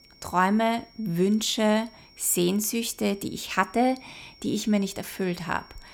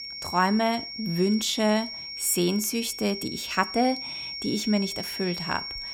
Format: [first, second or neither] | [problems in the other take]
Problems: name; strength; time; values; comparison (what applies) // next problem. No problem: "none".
first | high-pitched whine; loud; throughout; 5.5 kHz, 7 dB below the speech; faint in the first